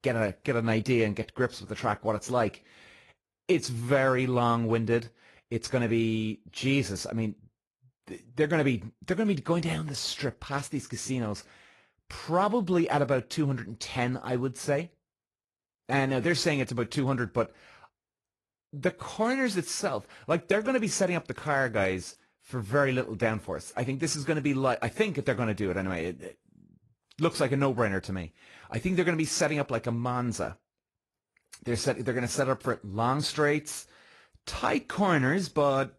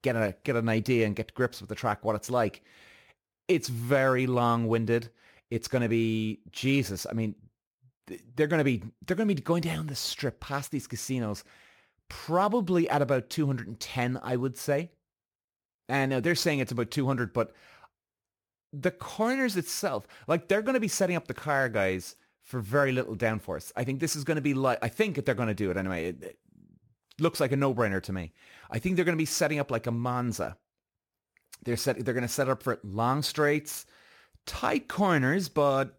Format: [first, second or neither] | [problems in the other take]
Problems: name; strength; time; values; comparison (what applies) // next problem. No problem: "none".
second | garbled, watery; slightly; nothing above 11.5 kHz